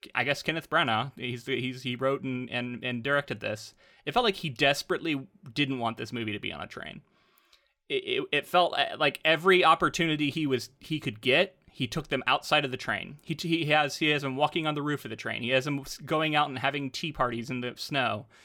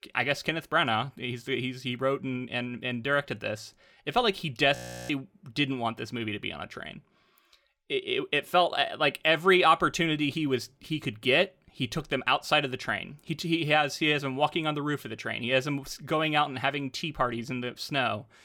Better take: first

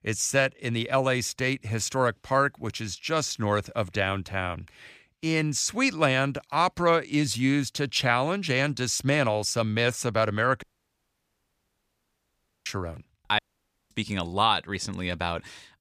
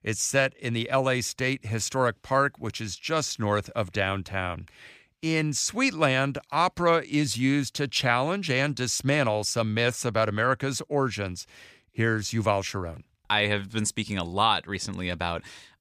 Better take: second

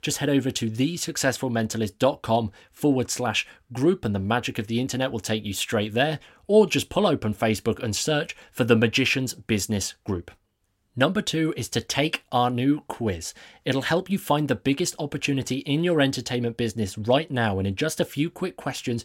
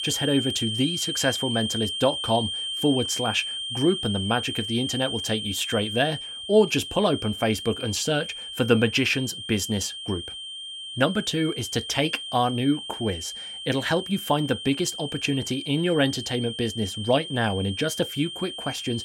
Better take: first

